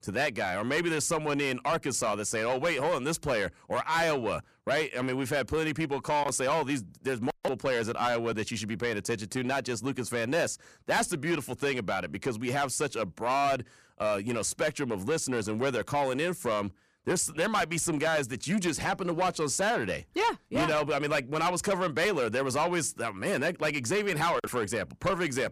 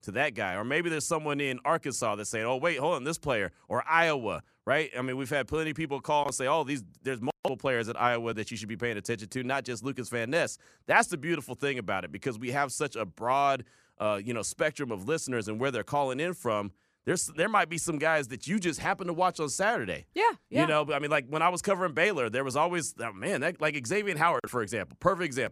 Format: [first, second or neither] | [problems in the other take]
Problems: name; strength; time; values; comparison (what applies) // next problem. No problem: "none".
second | distortion; heavy; 8 dB below the speech